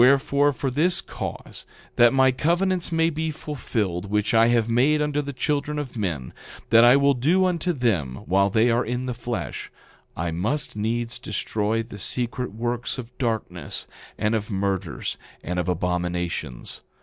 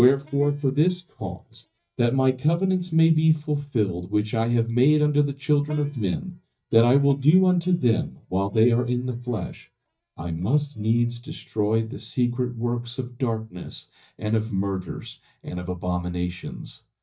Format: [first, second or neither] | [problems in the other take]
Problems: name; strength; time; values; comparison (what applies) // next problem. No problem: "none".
first | noise reduction (neural mask model DeepFilterNet 3)